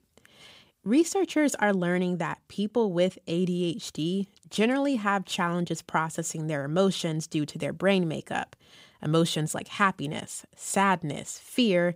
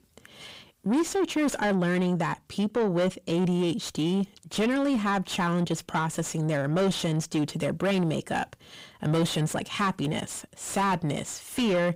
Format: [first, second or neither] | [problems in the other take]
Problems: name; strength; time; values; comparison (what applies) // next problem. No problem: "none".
first | distortion; heavy; 7 dB below the speech